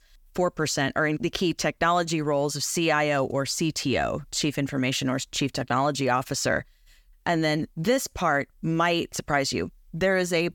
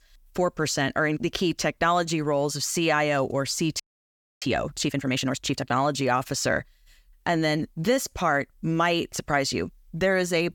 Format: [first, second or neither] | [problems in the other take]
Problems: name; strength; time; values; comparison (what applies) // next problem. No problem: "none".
first | audio freezing; at 4 s for 0.5 s